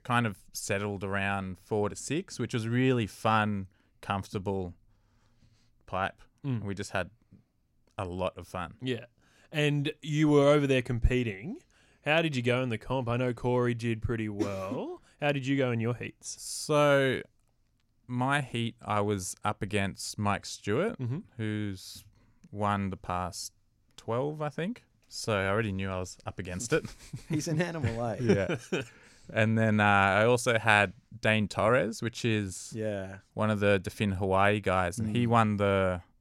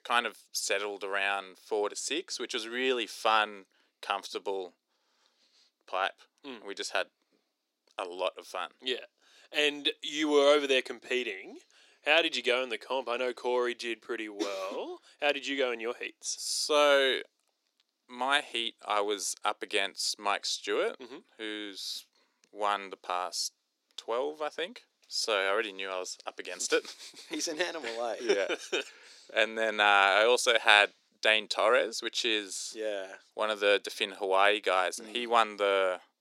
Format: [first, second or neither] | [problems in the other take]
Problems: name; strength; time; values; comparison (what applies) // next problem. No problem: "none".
first | thin; very; fading below 350 Hz